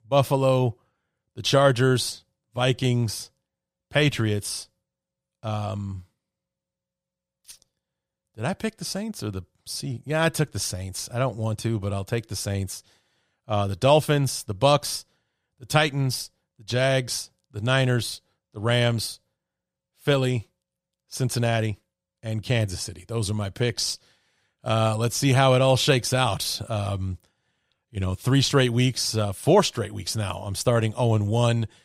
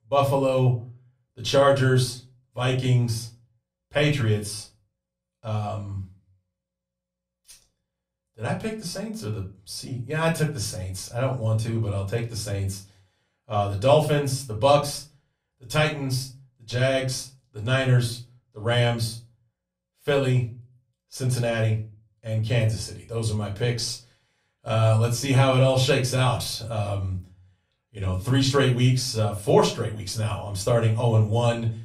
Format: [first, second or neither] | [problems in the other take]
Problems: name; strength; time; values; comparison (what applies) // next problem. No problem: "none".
first | off-mic speech; far // room echo; very slight; dies away in 0.3 s